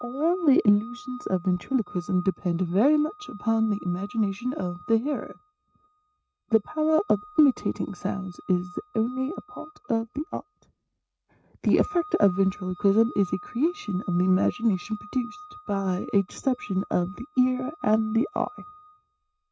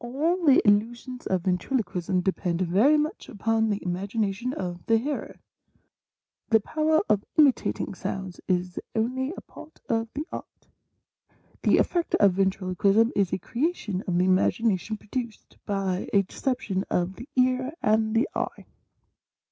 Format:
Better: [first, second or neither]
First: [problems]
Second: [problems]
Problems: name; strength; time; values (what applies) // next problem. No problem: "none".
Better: second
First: noise reduction (neural mask model RNNoise)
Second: none